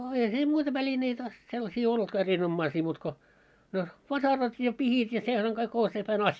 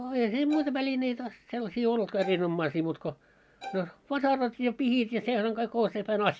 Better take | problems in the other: first | background sound (Bowed string instrument); 15 dB below the speech

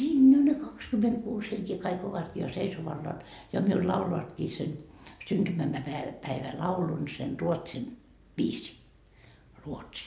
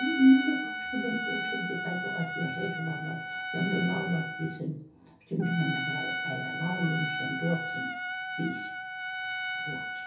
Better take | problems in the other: first | background sound (Trumpet); 4 dB below the speech // room echo; dies away in 0.3 s

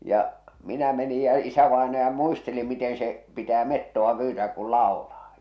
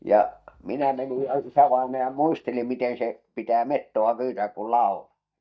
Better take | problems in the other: first | noise reduction (neural mask model DeepFilterNet 3)

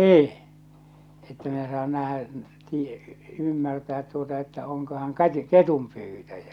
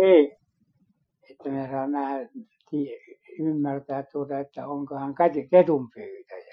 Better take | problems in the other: first | noise reduction (classical method Wiener filter)

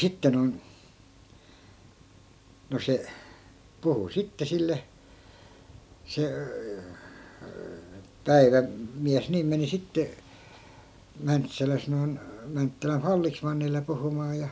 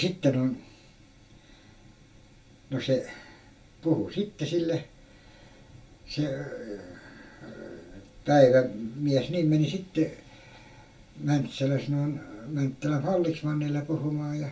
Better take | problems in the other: first | room echo; dies away in 0.2 s

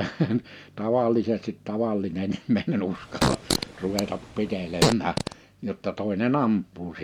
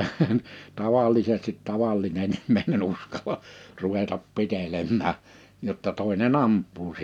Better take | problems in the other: second | background sound (Fart); 1 dB below the speech

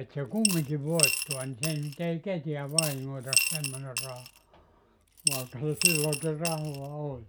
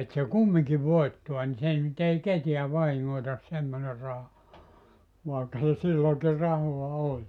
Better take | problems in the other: second | background sound (Coin (dropping) / Glass); as loud as the speech

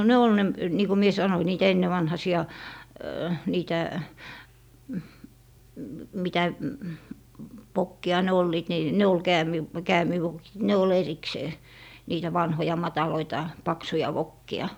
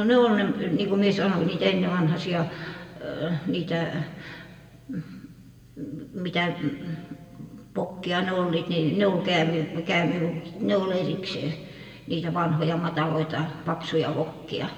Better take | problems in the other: first | room echo; dies away in 1.9 s

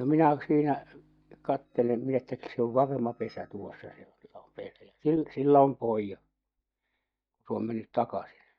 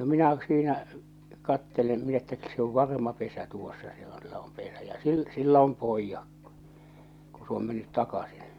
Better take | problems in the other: second | noise reduction (neural mask model DeepFilterNet 3)

